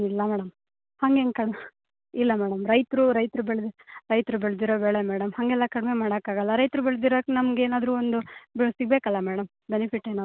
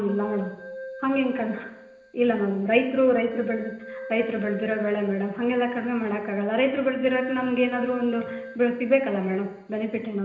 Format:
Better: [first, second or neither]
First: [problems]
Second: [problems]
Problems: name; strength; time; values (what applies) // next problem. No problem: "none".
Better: first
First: none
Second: background sound (Keyboard (musical)); 16 dB below the speech // room echo; dies away in 0.9 s